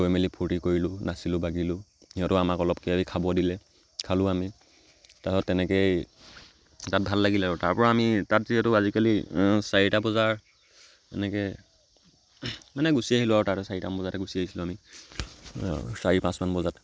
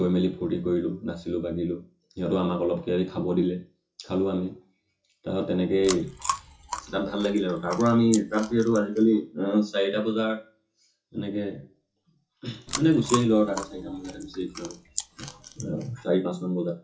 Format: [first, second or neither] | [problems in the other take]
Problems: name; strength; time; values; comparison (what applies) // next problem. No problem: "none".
first | noise reduction (classical method WPE with log-MMSE)